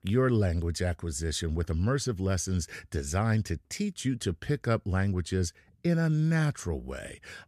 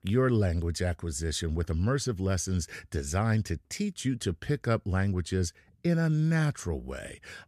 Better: neither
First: none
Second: none

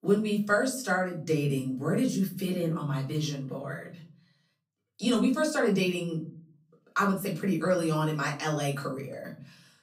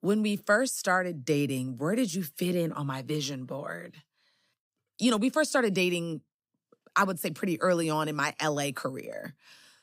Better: second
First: off-mic speech; far // room echo; slight; dies away in 0.5 s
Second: none

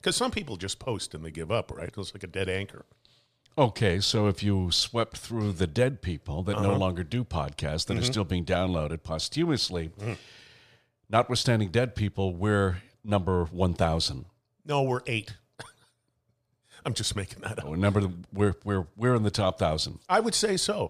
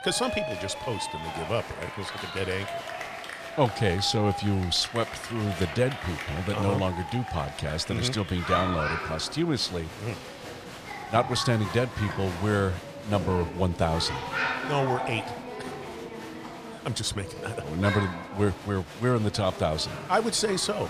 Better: first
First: none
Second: crowd noise; loud; throughout; 7 dB below the speech

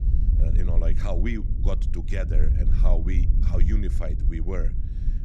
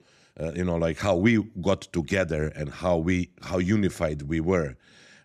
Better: second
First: low rumble; loud; throughout; 6 dB below the speech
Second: none

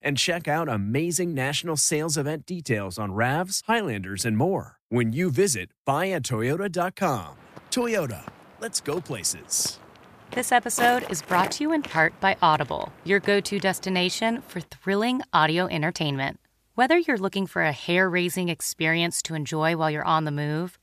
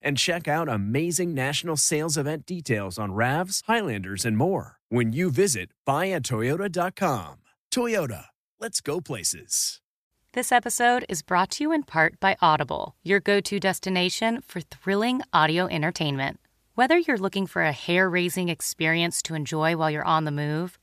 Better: second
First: footsteps; noticeable; from 7.5 to 14 s; peak 7 dB below the speech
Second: none

